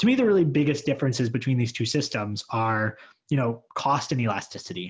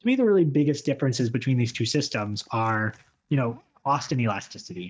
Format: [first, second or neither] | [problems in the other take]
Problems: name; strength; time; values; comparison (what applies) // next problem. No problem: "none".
first | noise reduction (neural mask model DeepFilterNet 3)